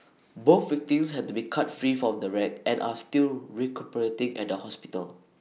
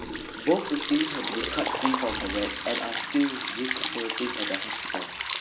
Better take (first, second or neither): first